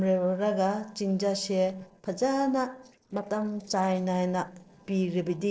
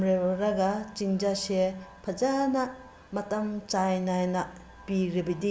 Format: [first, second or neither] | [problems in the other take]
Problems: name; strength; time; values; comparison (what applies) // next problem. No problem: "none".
second | noise reduction (neural separator model SepFormer DNS4)